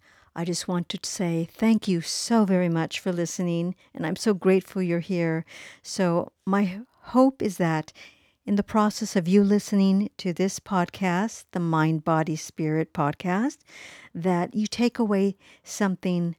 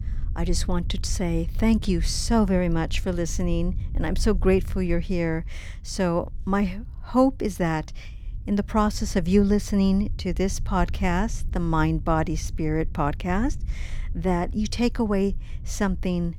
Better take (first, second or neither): first